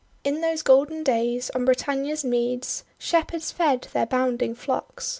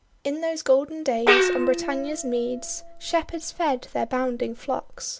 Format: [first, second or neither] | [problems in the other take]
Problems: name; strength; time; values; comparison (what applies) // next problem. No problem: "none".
first | background sound (Gong); 2 dB below the speech